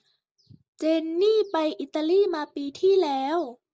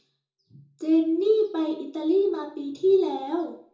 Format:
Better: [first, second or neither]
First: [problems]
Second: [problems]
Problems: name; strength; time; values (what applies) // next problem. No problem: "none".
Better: first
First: none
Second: room echo; dies away in 0.7 s